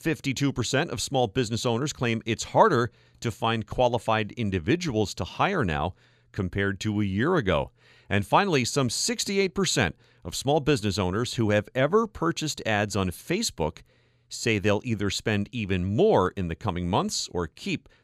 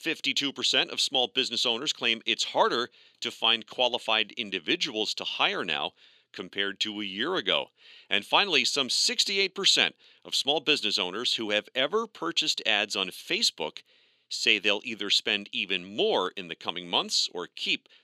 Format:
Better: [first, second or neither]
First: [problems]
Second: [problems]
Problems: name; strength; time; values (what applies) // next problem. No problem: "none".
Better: first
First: none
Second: thin; somewhat; fading below 250 Hz